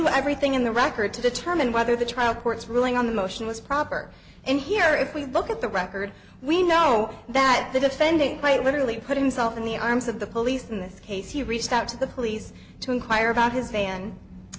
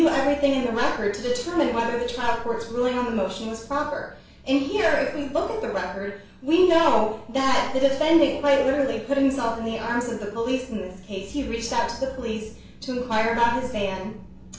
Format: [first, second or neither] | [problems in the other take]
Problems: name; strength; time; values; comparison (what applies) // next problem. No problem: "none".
first | room echo; dies away in 0.4 s